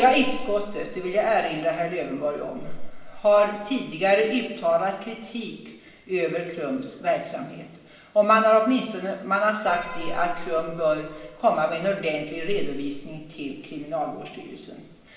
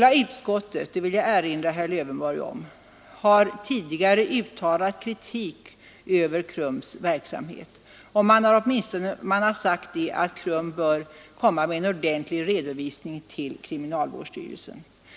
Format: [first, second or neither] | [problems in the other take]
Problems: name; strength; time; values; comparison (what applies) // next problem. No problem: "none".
second | background sound (Piano); 11 dB below the speech // room echo; dies away in 1 s